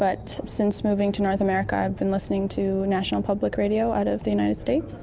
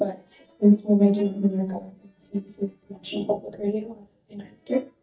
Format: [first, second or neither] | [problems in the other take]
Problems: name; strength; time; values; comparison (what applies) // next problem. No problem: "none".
first | noise reduction (neural mask model DeepFilterNet 3)